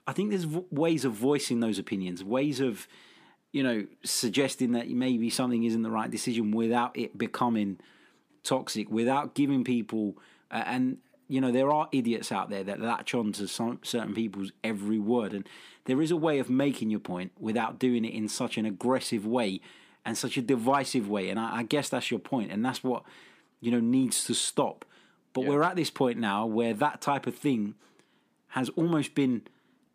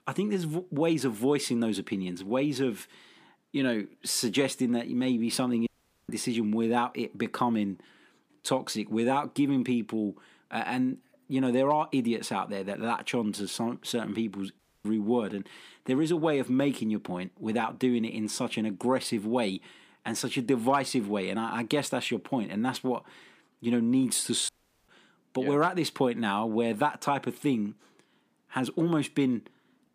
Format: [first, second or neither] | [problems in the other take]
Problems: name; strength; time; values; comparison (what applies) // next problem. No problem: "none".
first | audio cutting out; at 5.5 s, at 15 s and at 24 s